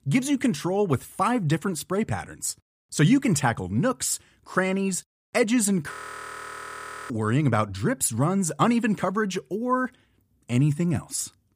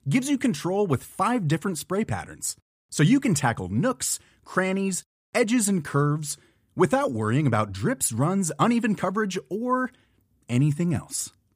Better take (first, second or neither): second